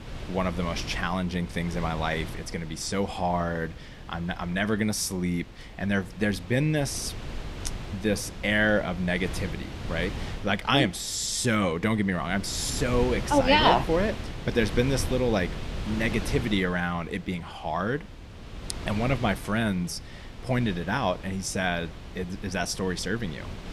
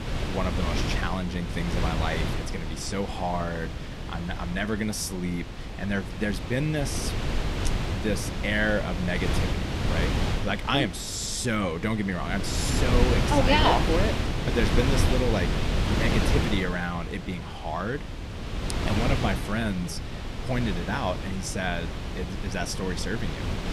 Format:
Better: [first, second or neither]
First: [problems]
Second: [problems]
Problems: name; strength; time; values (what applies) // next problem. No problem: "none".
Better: first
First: wind noise on the microphone; occasional gusts; 15 dB below the speech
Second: wind noise on the microphone; heavy; 4 dB below the speech